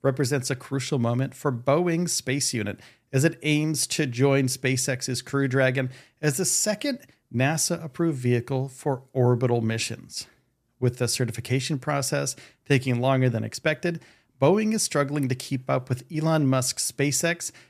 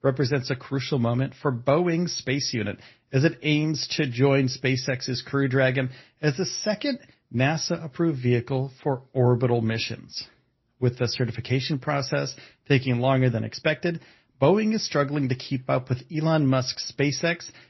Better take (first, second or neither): first